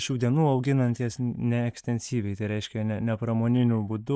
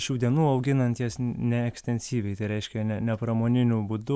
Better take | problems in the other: second | noise reduction (neural mask model DeepFilterNet 3)

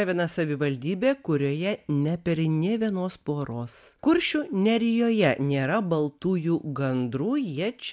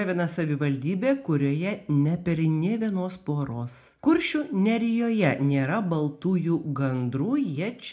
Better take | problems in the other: first | room echo; dies away in 0.2 s

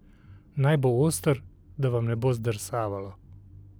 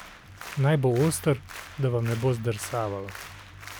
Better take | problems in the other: first | background sound (Applause); 16 dB below the speech

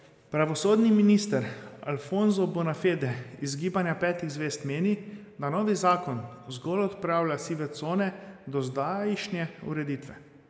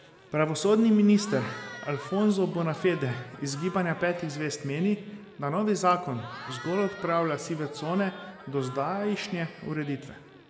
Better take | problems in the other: first | background sound (Crowd / Cheering); 18 dB below the speech

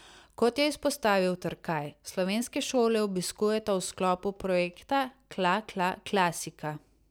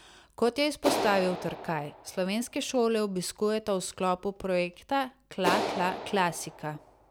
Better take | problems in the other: first | background sound (Clapping); 8 dB below the speech

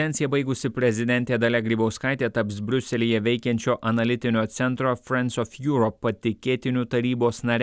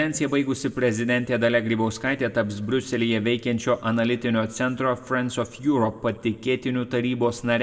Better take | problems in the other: first | room echo; dies away in 1.7 s

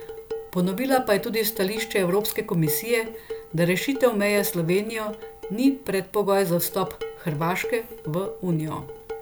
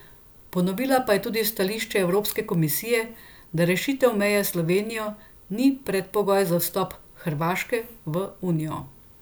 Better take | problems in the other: second | background sound (Dishes, pots, and pans); 13 dB below the speech

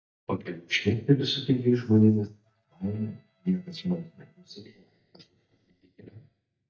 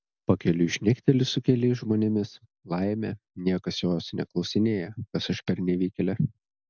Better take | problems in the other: second | noise reduction (neural mask model DeepFilterNet 3)

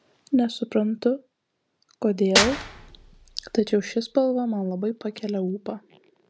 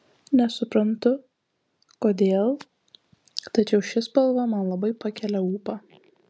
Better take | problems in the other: second | background sound (Clapping / Drum kit); 3 dB below the speech

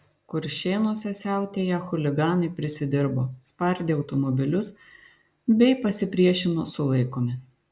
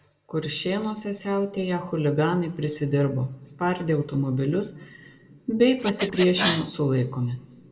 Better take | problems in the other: first | background sound (Scratching (performance technique)); 8 dB below the speech // room echo; dies away in 1 s

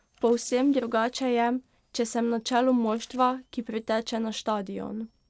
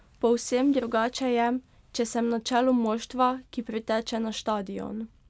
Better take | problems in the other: second | noise reduction (neural separator model SepFormer DNS4)

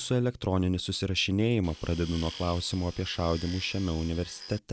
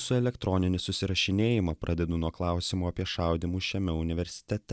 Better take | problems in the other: second | background sound (Tools); 16 dB below the speech

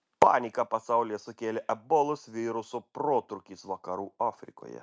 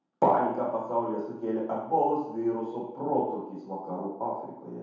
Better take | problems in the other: first | room echo; dies away in 0.8 s

